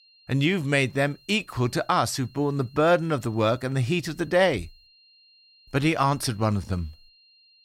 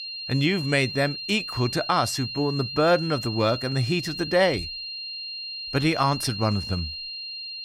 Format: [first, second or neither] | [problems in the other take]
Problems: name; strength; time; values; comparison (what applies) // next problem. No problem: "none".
first | high-pitched whine; loud; throughout; 4 kHz, 7 dB below the speech; faint in the first